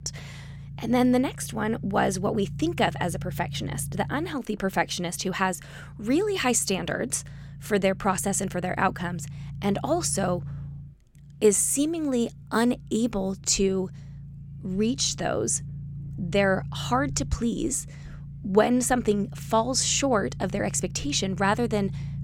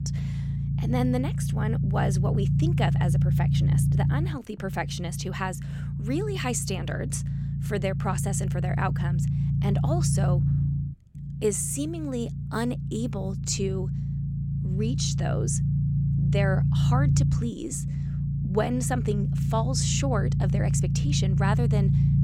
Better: first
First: low rumble; faint; throughout; 25 dB below the speech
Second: low rumble; loud; throughout; 5 dB below the speech

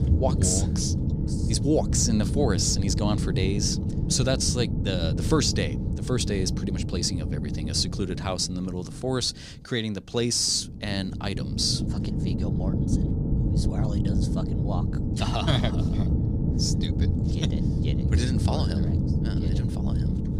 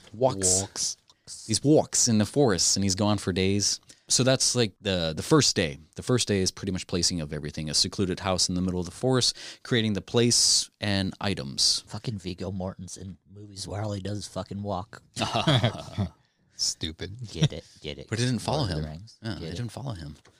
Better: second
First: low rumble; loud; throughout; 7 dB below the speech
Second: none

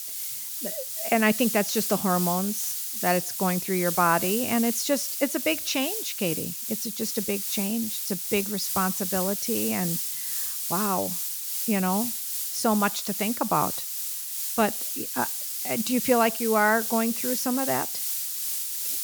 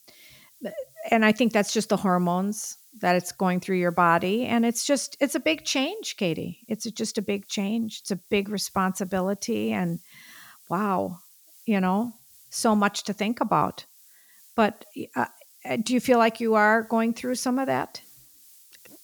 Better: second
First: hiss; loud; throughout; 1 dB below the speech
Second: hiss; faint; throughout; 25 dB below the speech

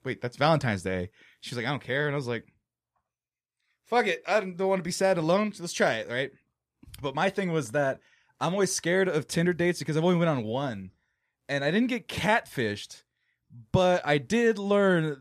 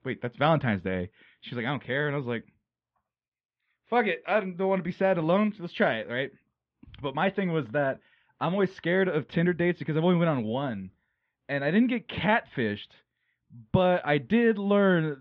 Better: first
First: none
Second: muffled; very; fading above 3.5 kHz

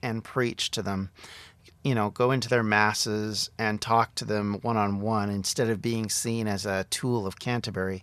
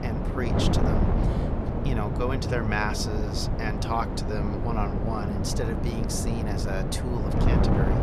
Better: first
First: none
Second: wind noise on the microphone; heavy; 1 dB below the speech

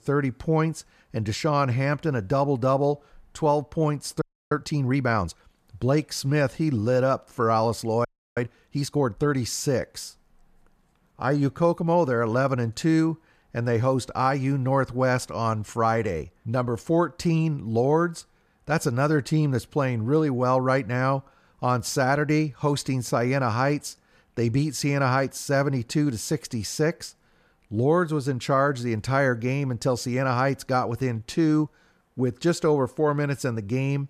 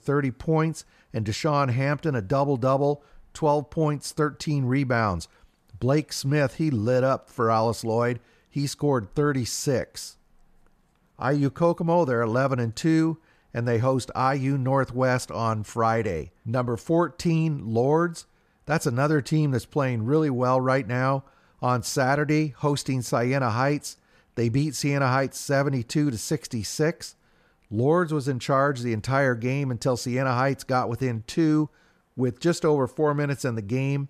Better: second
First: audio freezing; at 4 s and at 8 s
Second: none

